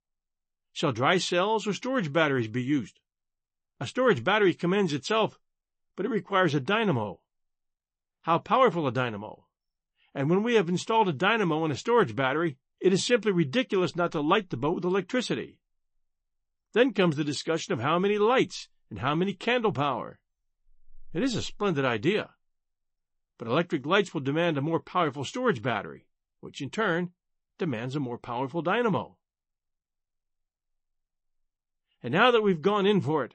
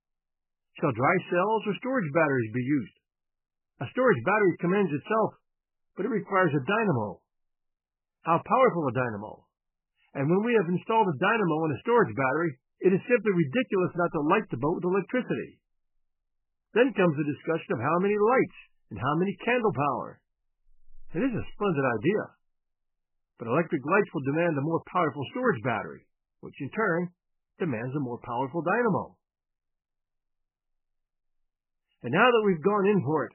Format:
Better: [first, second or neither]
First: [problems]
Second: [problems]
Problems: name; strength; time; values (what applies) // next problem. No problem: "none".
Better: first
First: garbled, watery; slightly; nothing above 8 kHz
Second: garbled, watery; badly; nothing above 3 kHz